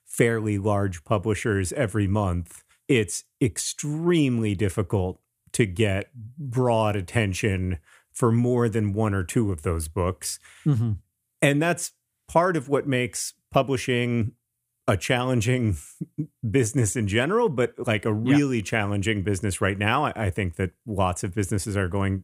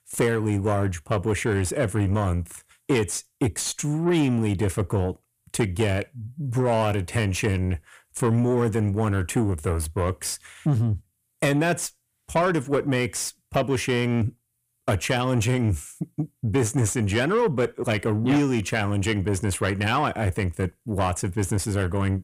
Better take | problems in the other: first | distortion; slight; 10 dB below the speech

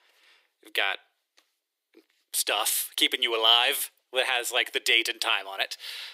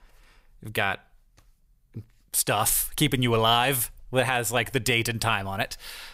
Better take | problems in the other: second | thin; very; fading below 300 Hz

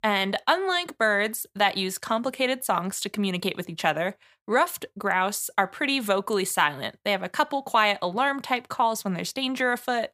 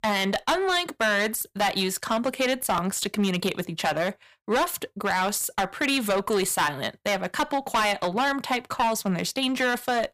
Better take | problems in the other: first | distortion; heavy; 11% of the sound clipped

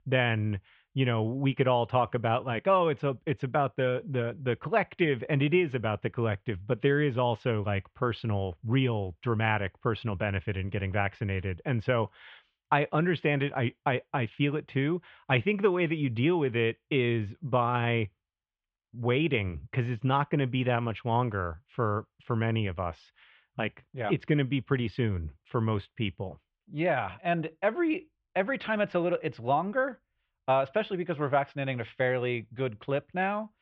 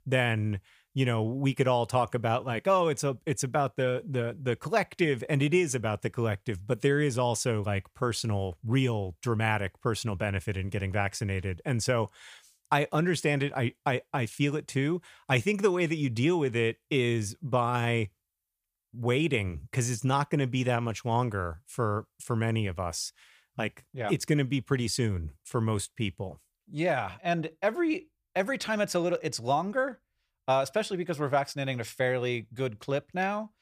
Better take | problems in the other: second | muffled; very; fading above 3 kHz

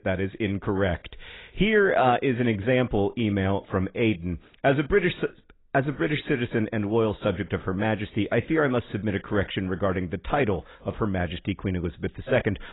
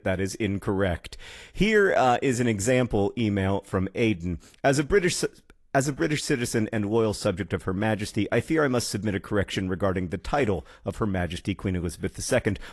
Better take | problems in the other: second | garbled, watery; badly; nothing above 4 kHz; slightly in the second

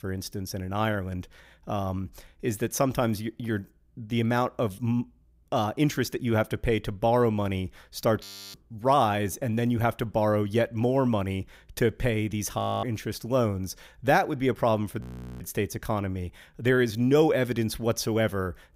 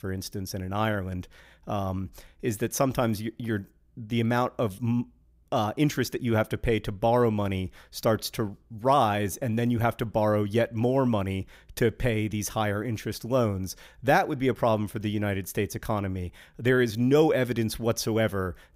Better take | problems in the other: second | audio freezing; at 8 s, at 13 s and at 15 s

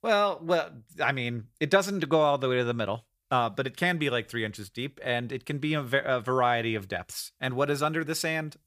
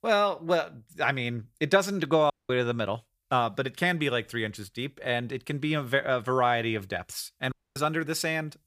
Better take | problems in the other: first | audio cutting out; at 2.5 s and at 7.5 s

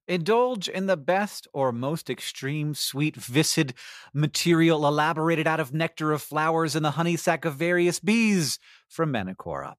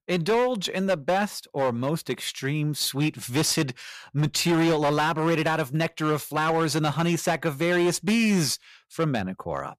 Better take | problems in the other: first | distortion; slight; 11% of the sound clipped

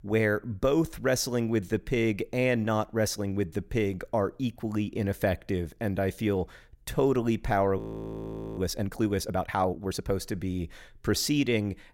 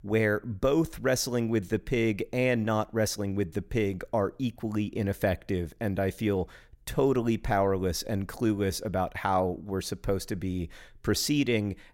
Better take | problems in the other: second | audio freezing; at 8 s for 1 s

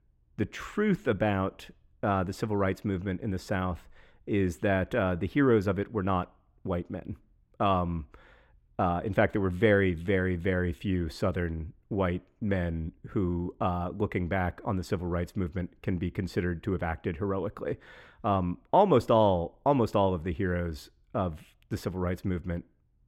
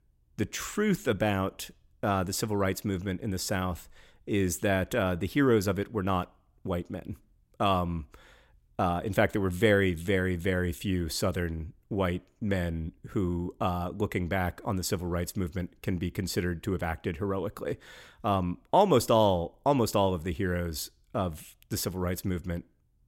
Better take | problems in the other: second | muffled; slightly; fading above 4 kHz

